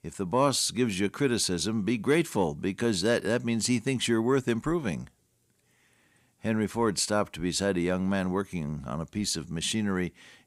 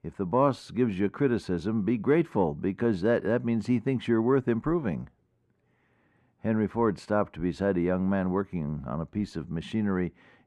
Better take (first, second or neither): first